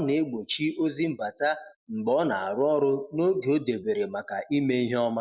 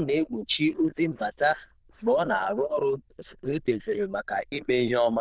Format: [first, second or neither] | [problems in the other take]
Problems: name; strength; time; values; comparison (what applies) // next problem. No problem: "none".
first | noise reduction (neural diffusion model UNIVERSE++)